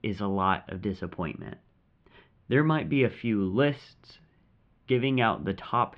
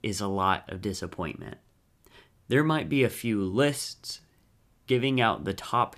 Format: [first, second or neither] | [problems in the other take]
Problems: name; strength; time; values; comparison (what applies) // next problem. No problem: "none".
second | muffled; very; fading above 3 kHz